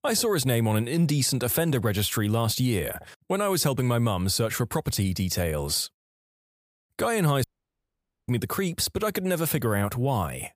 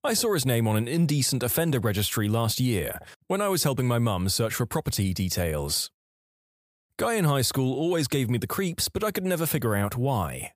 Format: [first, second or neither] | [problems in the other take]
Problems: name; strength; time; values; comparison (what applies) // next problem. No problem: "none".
second | audio cutting out; at 7.5 s for 1 s